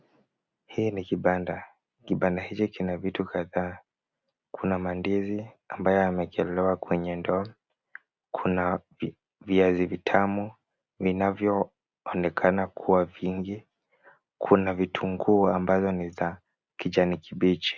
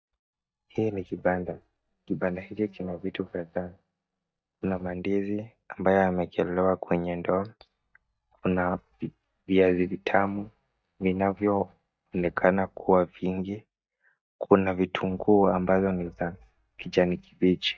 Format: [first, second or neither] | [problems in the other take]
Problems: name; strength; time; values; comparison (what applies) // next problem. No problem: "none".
first | noise reduction (neural mask model DeepFilterNet 3)